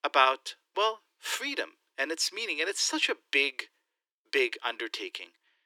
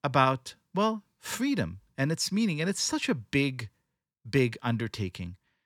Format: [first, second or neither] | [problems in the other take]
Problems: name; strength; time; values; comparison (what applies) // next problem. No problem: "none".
second | thin; very; fading below 300 Hz